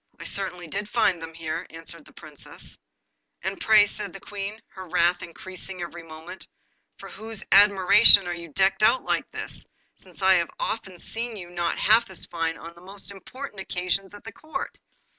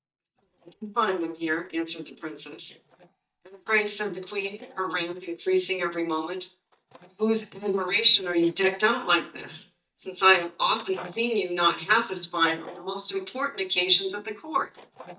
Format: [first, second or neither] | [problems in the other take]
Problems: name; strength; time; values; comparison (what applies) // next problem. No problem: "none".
first | noise reduction (neural mask model DeepFilterNet 3)